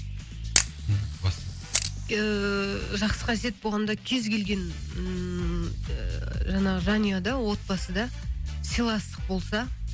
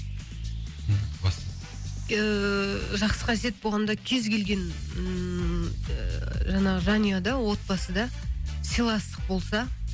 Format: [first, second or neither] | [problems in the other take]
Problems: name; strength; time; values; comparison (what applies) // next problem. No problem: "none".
second | background sound (Camera); 4 dB below the speech